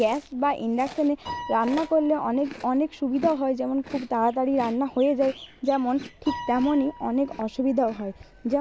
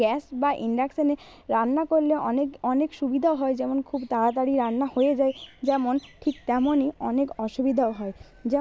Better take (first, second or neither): second